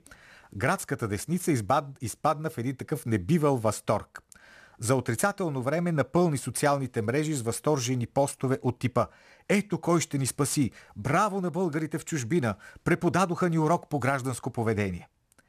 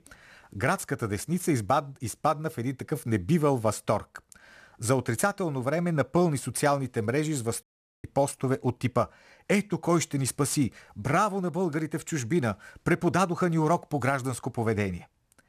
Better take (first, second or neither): first